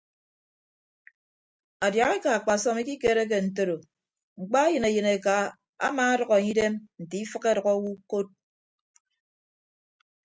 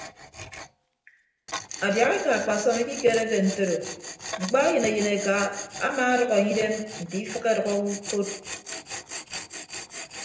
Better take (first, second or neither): first